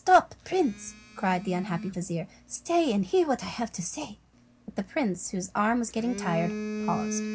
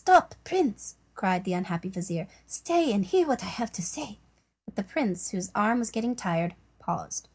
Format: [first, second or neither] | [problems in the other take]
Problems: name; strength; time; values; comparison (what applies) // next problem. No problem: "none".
second | background sound (Telephone); 11 dB below the speech